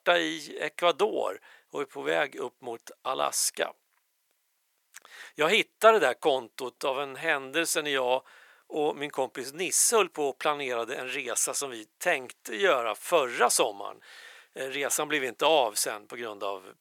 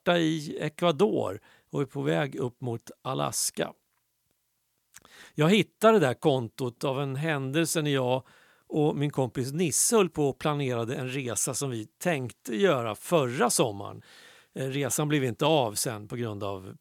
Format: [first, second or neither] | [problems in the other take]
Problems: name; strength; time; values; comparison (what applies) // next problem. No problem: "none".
second | thin; very; fading below 550 Hz